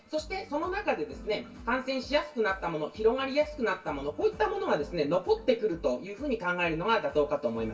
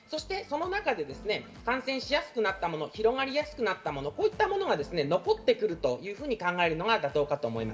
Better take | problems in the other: second | room echo; dies away in 0.1 s

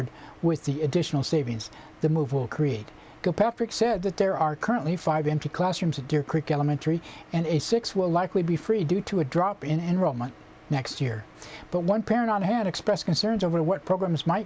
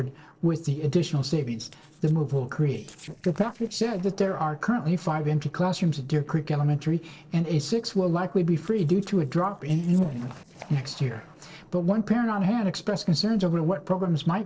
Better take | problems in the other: first | noise reduction (neural separator model SepFormer DNS4)

